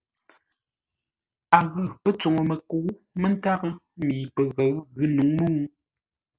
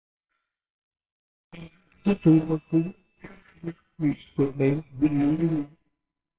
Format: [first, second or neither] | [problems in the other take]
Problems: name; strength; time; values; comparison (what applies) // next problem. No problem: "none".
first | noise reduction (neural separator model SepFormer WHAMR!)